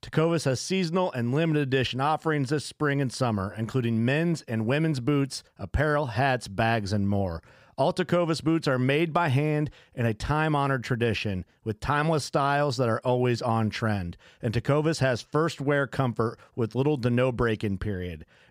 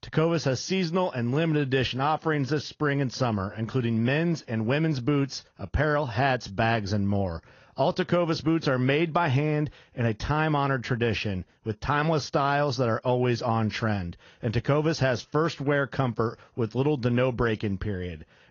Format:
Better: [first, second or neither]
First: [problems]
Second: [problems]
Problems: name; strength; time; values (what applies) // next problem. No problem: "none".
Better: first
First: none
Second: garbled, watery; slightly; nothing above 6.5 kHz